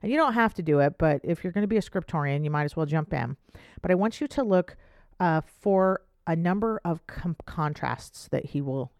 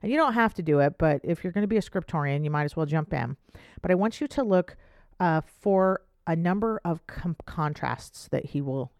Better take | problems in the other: neither | muffled; slightly; fading above 2 kHz; the same in both

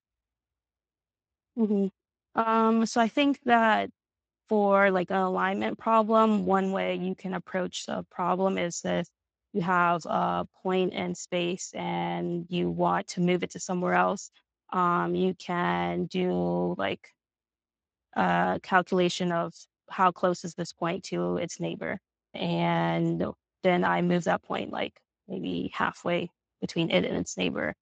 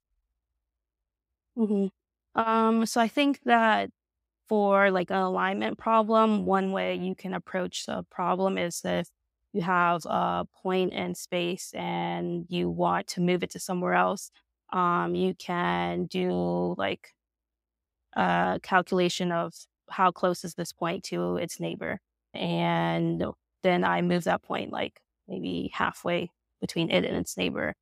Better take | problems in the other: second | garbled, watery; slightly; nothing above 7.5 kHz

